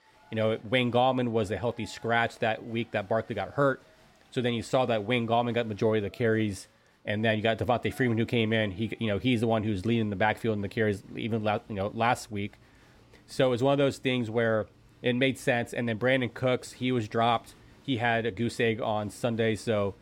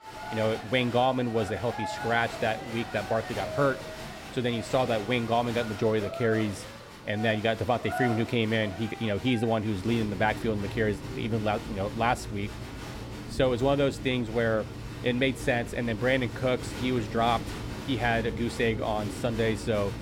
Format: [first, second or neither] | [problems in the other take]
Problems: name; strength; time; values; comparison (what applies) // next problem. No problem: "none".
first | crowd noise; loud; throughout; 10 dB below the speech; faint in the first